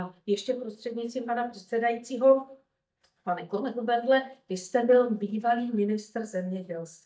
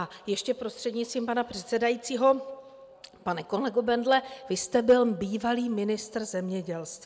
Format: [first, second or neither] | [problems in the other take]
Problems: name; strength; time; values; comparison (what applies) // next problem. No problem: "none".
second | noise reduction (neural mask model DeepFilterNet 3)